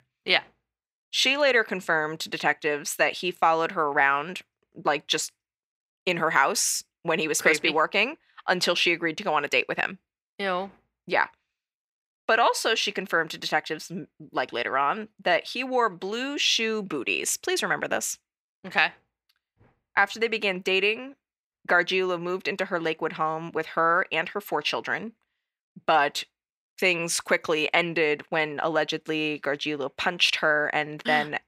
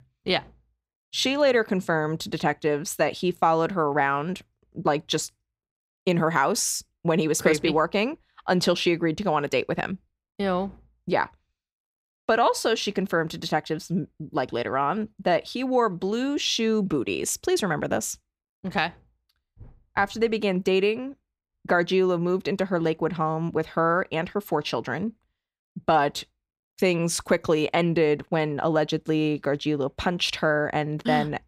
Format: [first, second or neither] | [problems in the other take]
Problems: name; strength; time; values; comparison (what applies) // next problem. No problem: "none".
second | thin; somewhat; fading below 1 kHz